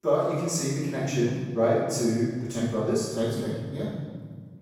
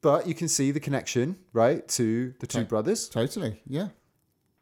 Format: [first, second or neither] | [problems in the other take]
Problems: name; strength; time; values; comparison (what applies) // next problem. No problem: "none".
second | room echo; strong; dies away in 1.5 s // off-mic speech; far